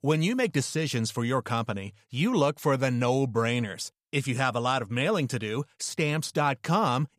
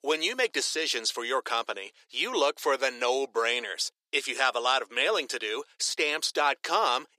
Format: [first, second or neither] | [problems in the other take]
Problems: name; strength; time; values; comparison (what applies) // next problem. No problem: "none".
first | thin; very; fading below 350 Hz